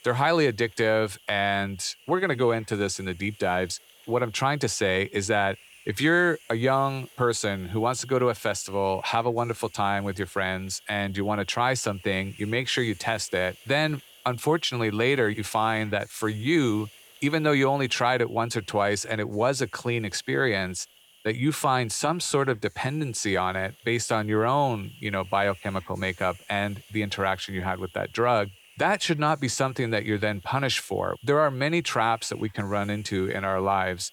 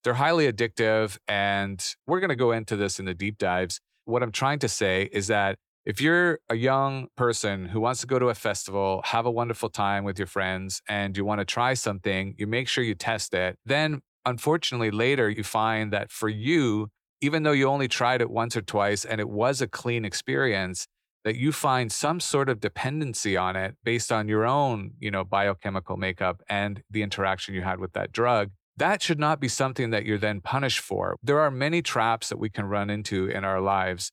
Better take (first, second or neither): second